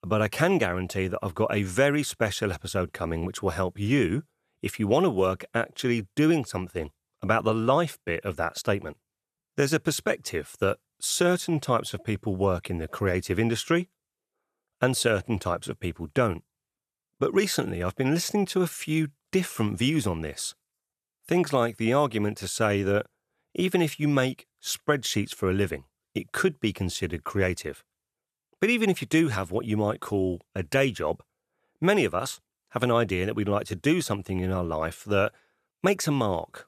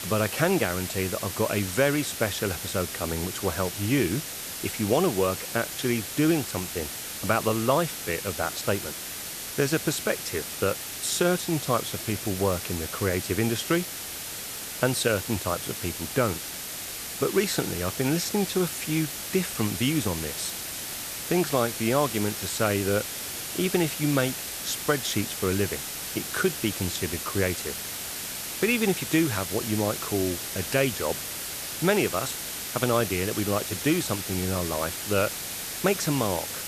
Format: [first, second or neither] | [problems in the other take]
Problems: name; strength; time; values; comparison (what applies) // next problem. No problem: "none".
first | hiss; loud; throughout; 5 dB below the speech